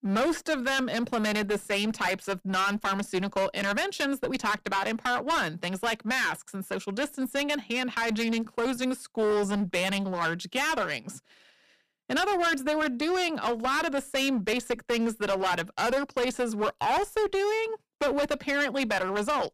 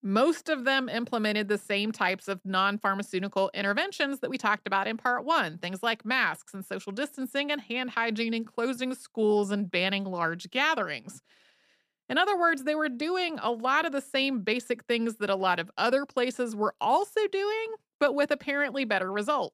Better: second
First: distortion; heavy; 16% of the sound clipped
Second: none

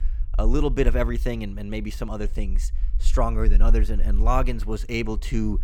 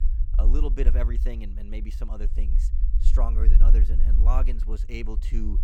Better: first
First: low rumble; faint; throughout; 20 dB below the speech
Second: low rumble; loud; throughout; 9 dB below the speech

